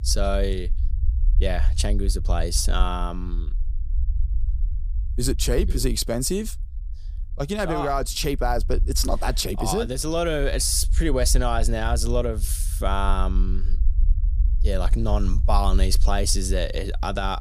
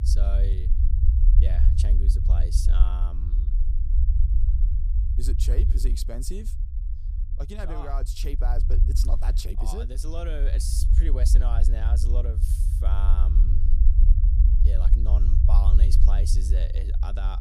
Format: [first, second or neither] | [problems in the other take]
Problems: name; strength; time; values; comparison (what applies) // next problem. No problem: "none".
first | low rumble; loud; throughout; 5 dB below the speech; faint in the first